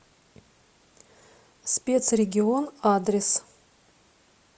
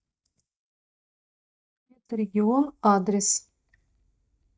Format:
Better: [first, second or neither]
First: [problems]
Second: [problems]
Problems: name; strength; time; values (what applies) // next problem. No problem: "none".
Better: first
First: none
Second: noise reduction (neural mask model DeepFilterNet 3)